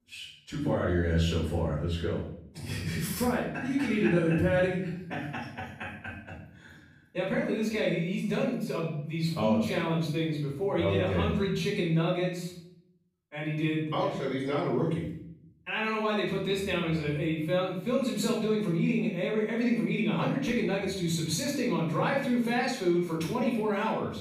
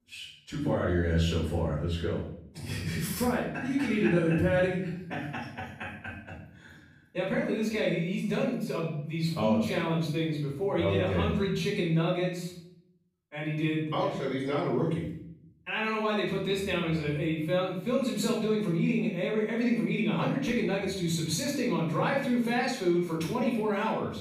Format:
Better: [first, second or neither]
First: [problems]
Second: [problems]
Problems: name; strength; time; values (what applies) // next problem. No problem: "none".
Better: neither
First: off-mic speech; far // room echo; noticeable; dies away in 0.6 s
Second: off-mic speech; far // room echo; noticeable; dies away in 0.6 s